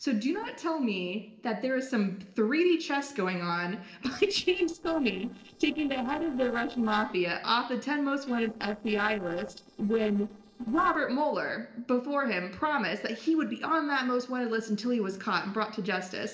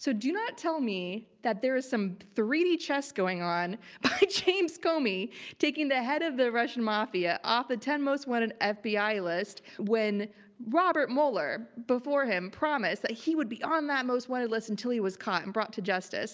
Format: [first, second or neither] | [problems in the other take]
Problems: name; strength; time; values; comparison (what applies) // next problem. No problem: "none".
second | noise reduction (neural separator model SepFormer DNS4)